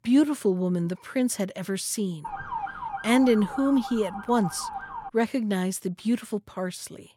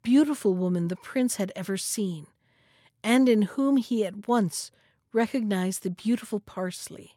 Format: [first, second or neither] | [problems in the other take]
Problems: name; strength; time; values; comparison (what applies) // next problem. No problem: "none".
second | siren; noticeable; from 2 to 5 s; peak 7 dB below the speech